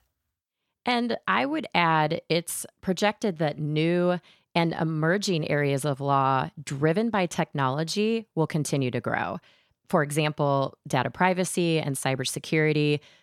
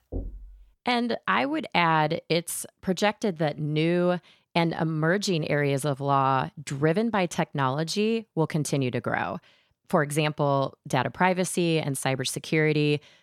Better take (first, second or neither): first